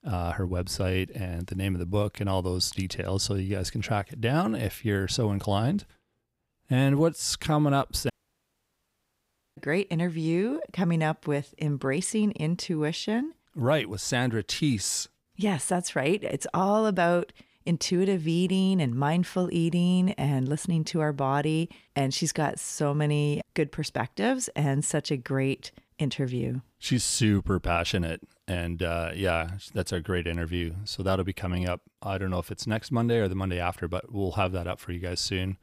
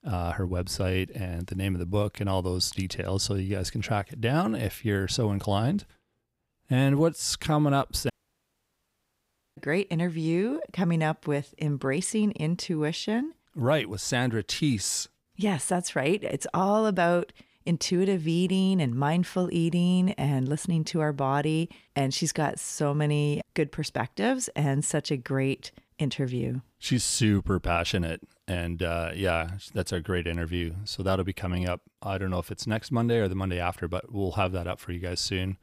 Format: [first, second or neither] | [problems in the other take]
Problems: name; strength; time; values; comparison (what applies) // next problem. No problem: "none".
neither | audio cutting out; at 8 s for 1.5 s; the same in both